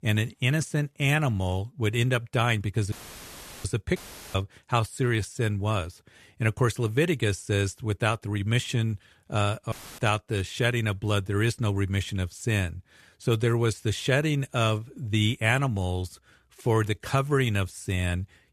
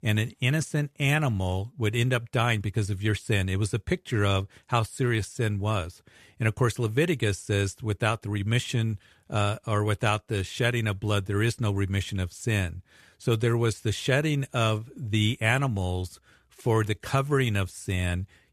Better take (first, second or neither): second